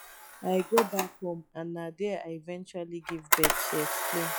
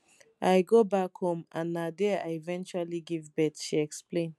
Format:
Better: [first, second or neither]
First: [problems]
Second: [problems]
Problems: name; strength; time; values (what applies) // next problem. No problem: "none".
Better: second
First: noise reduction (classical method log-MMSE)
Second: none